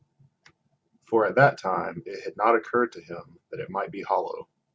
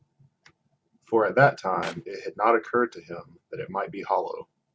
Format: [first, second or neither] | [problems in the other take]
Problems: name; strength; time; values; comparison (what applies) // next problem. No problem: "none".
first | background sound (Clapping); 18 dB below the speech